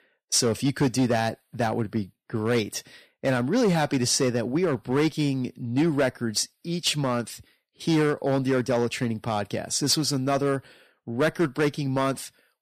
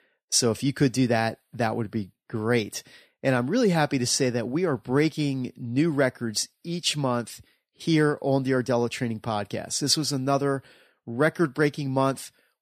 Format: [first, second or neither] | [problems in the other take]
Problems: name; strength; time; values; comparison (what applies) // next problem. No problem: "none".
second | distortion; slight; 5% of the sound clipped